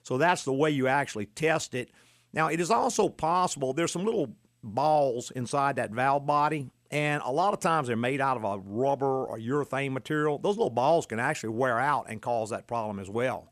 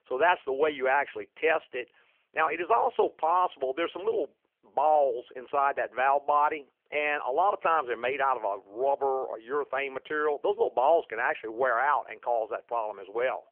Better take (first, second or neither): first